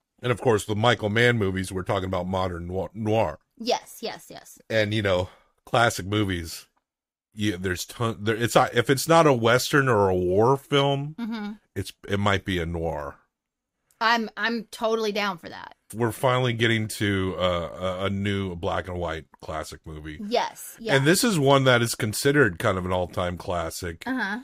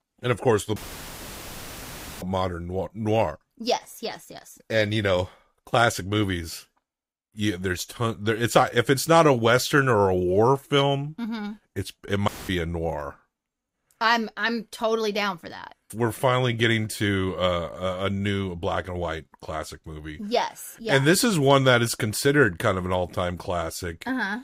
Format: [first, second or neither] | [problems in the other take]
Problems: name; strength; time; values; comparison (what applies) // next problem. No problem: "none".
first | audio cutting out; filled with static; at 1 s for 1.5 s and at 12 s